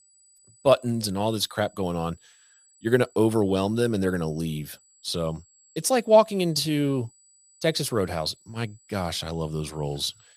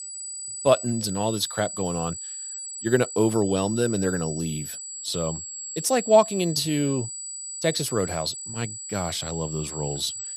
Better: first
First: high-pitched whine; faint; throughout; 8 kHz, 30 dB below the speech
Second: high-pitched whine; loud; throughout; 8 kHz, 7 dB below the speech

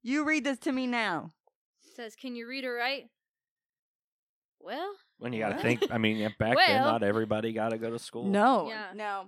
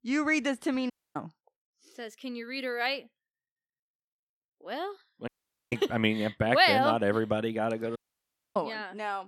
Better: first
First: none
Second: audio cutting out; at 1 s, at 5.5 s and at 8 s for 0.5 s

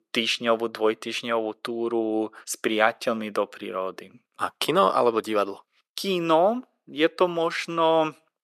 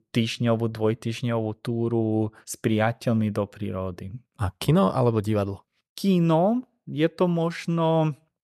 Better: second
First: thin; somewhat; fading below 300 Hz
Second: none

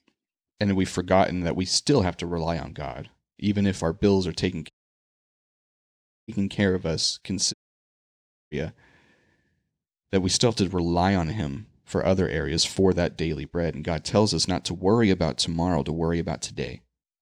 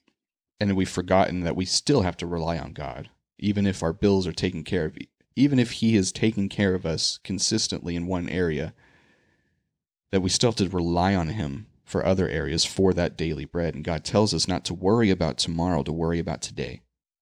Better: second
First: audio cutting out; at 4.5 s for 1.5 s and at 7.5 s for 1 s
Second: none

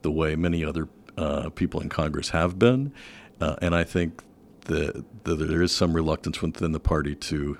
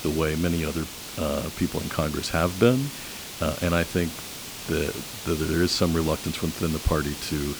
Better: first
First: none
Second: hiss; loud; throughout; 8 dB below the speech

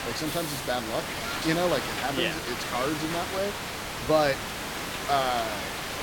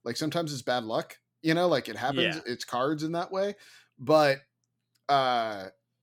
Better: second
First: hiss; loud; throughout; 3 dB below the speech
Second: none

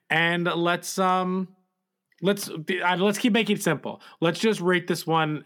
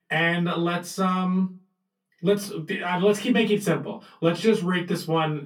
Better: first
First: none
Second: off-mic speech; far // room echo; very slight; dies away in 0.2 s

